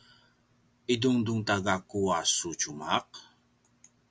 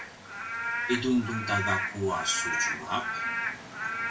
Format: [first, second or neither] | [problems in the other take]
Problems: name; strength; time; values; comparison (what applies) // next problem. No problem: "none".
first | background sound (Rain / Frog); 1 dB below the speech // room echo; dies away in 0.3 s